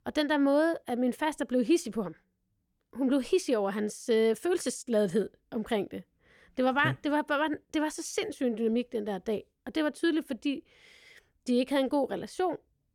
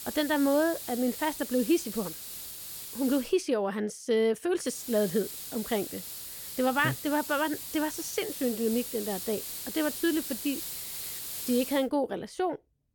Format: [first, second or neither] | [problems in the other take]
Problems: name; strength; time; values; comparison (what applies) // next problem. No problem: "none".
first | hiss; loud; until 3.5 s and from 4.5 to 12 s; 7 dB below the speech